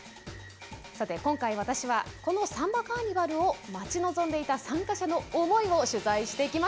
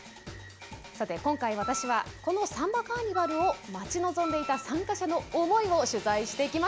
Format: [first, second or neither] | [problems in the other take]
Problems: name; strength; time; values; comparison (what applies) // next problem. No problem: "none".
first | background sound (Wind instrument, woodwind instrument); 10 dB below the speech